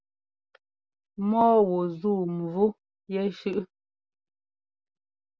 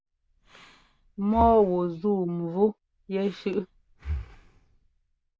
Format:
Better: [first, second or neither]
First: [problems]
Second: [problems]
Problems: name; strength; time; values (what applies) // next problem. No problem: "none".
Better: first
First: none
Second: background sound (Breathing); 13 dB below the speech